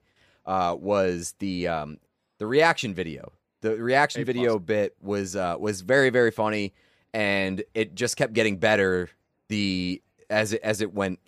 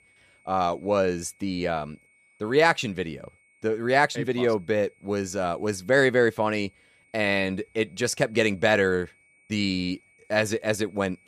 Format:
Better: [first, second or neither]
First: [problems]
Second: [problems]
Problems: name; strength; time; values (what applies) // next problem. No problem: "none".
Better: first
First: none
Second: high-pitched whine; faint; throughout; 2 kHz, 35 dB below the speech